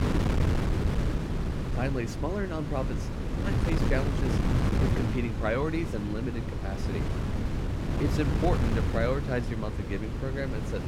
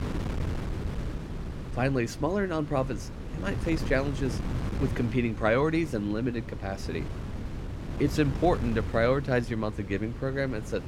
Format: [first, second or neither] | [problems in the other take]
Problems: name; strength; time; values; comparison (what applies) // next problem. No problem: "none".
second | wind noise on the microphone; heavy; 2 dB below the speech; occasional gusts in the second